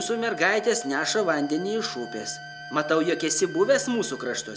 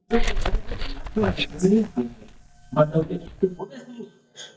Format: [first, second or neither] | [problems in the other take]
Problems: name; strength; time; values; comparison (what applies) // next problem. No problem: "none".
first | noise reduction (neural mask model DeepFilterNet 3)